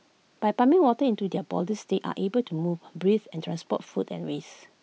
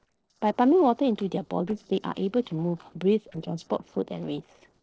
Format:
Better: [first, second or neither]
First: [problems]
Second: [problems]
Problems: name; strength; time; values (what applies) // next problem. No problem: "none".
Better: first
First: none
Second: noise reduction (neural separator model SepFormer DNS4)